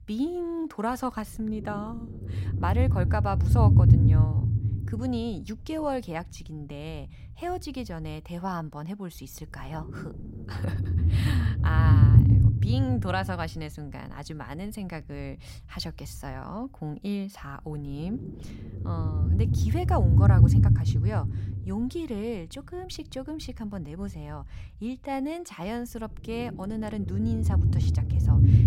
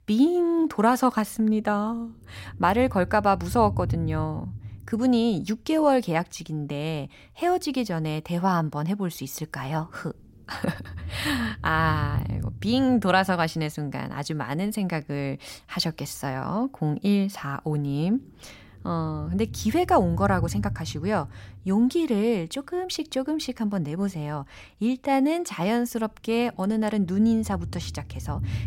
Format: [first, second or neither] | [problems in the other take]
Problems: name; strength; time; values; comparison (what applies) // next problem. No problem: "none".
second | low rumble; loud; throughout; 2 dB below the speech; faint in the second